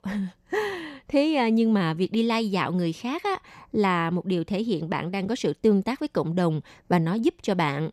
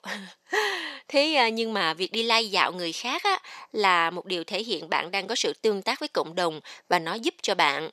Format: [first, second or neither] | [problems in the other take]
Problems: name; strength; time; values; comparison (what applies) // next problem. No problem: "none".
first | thin; very; fading below 550 Hz